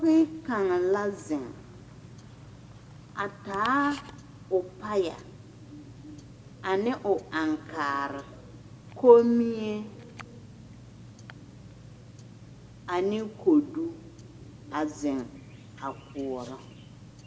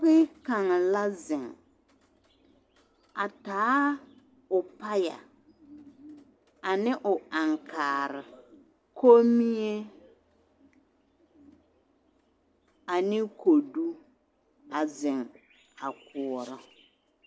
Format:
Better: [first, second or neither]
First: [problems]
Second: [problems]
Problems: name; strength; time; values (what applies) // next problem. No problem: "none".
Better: second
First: background sound (Tick-tock); 18 dB below the speech // room echo; dies away in 1.5 s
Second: none